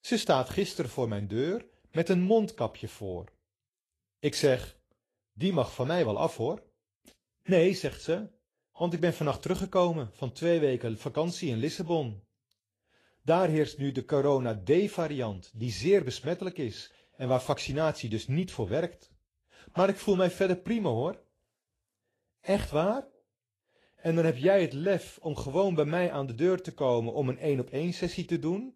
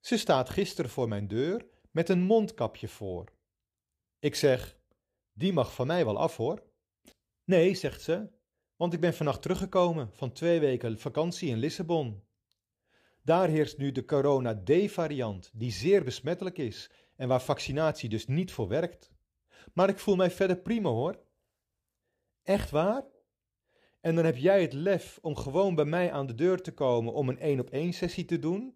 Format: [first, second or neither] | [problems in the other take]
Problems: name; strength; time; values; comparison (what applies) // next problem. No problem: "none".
second | garbled, watery; slightly; nothing above 12.5 kHz